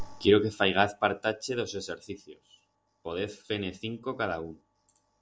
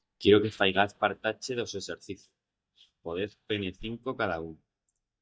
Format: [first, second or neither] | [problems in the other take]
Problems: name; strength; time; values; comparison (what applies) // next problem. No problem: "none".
first | noise reduction (neural mask model DeepFilterNet 3)